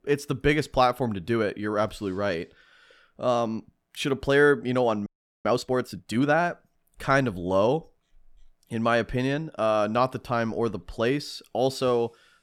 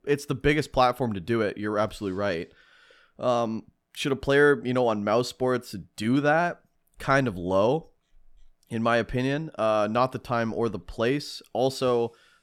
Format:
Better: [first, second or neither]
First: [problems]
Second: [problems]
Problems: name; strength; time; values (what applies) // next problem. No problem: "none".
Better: second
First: audio freezing; at 5 s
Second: none